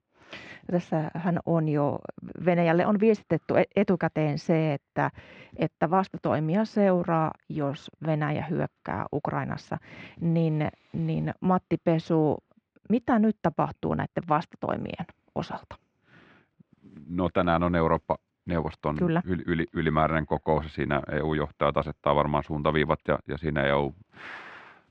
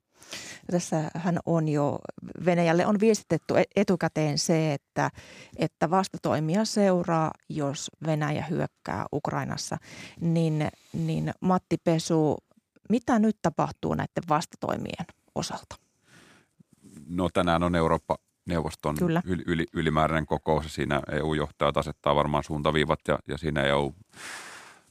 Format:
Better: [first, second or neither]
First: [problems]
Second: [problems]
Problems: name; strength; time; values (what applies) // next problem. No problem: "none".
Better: second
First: muffled; very; fading above 3 kHz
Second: none